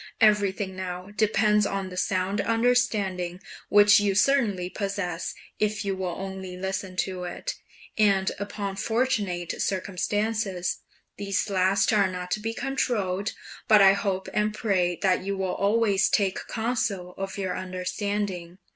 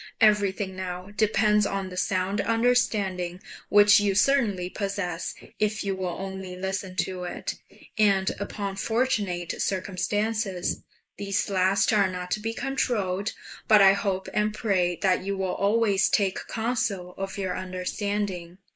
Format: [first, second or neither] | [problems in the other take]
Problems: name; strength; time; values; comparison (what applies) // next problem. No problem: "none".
first | noise reduction (neural mask model Resemble Enhance denoiser)